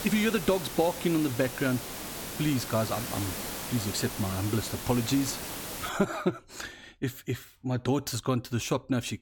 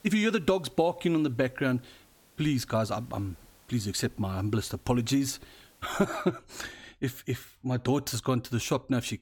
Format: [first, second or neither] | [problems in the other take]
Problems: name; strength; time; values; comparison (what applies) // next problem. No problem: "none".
second | hiss; loud; until 6 s; 6 dB below the speech; faint in the second